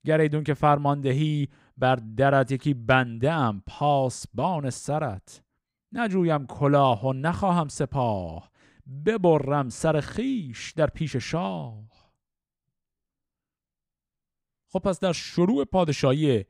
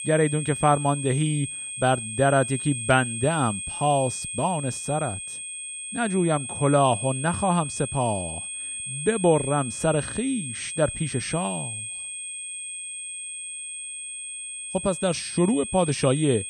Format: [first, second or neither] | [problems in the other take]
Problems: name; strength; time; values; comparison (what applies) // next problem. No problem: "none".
first | high-pitched whine; loud; throughout; 8.5 kHz, 7 dB below the speech